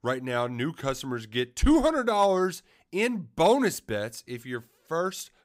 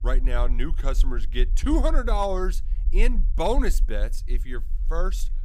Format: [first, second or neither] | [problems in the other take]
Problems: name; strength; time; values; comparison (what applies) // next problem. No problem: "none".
first | low rumble; faint; throughout; 25 dB below the speech